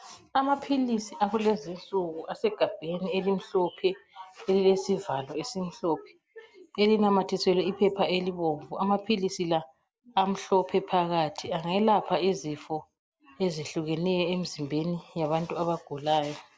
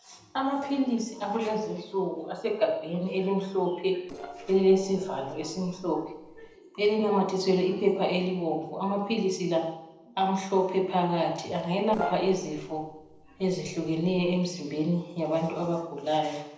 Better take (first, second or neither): first